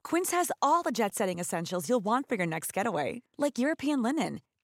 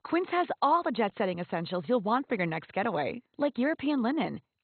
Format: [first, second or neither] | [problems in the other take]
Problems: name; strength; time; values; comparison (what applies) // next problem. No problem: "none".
first | garbled, watery; badly; nothing above 4 kHz